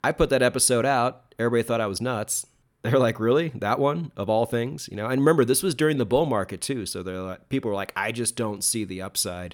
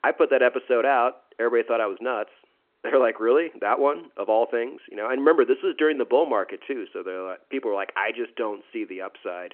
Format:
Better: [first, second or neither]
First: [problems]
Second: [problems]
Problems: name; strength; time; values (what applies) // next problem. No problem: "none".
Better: first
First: none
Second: phone-call audio